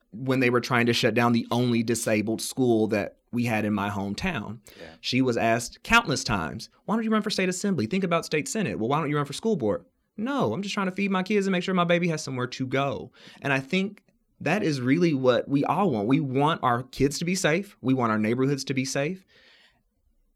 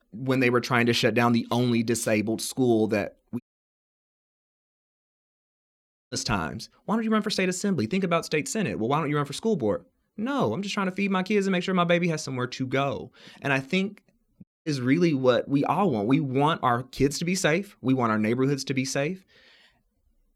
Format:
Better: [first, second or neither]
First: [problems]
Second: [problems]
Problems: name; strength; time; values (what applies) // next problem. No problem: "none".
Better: first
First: none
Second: audio cutting out; at 3.5 s for 2.5 s and at 14 s